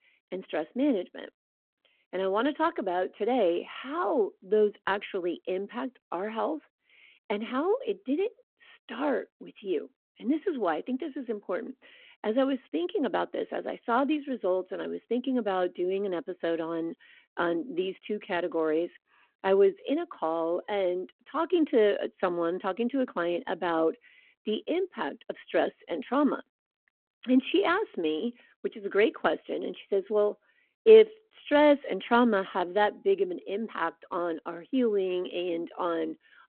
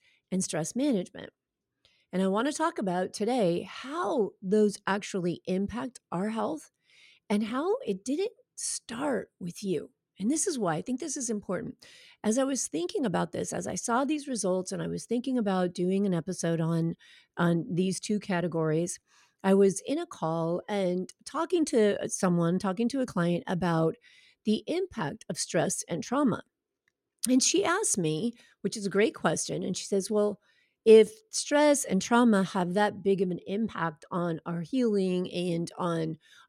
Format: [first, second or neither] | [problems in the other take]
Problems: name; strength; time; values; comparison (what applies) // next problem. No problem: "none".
second | phone-call audio